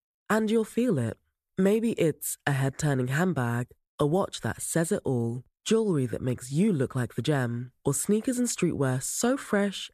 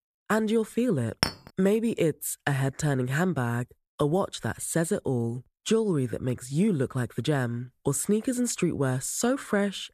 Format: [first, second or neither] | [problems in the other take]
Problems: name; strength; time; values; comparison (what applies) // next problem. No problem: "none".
first | clattering dishes; noticeable; at 1 s; peak 2 dB below the speech